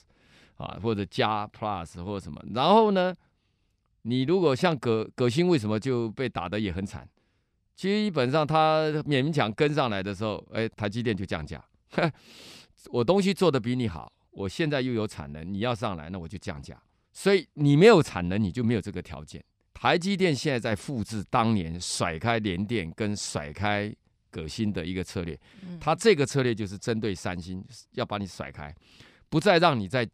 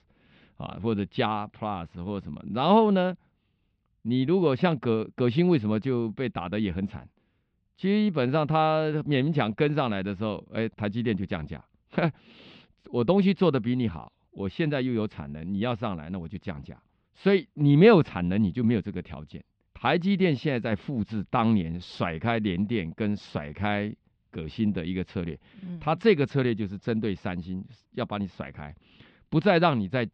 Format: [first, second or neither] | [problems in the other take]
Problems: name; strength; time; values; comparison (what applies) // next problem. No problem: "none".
first | muffled; slightly; fading above 3.5 kHz